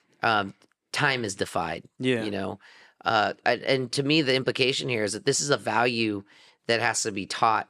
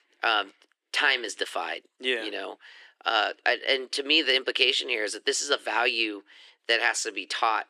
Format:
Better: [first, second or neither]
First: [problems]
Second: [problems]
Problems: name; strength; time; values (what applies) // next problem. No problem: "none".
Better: first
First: none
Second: thin; somewhat; fading below 300 Hz